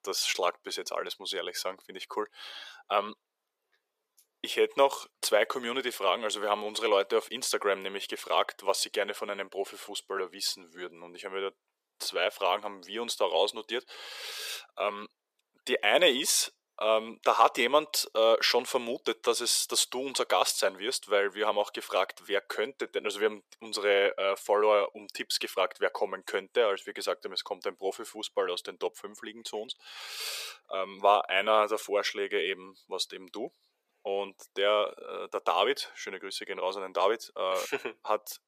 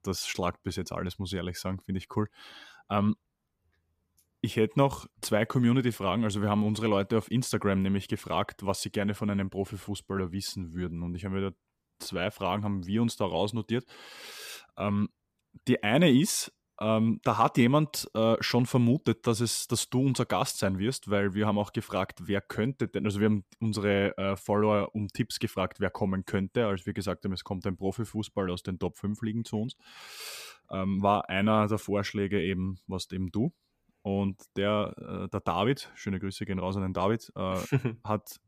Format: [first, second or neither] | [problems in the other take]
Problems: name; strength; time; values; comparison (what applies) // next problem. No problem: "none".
second | thin; very; fading below 450 Hz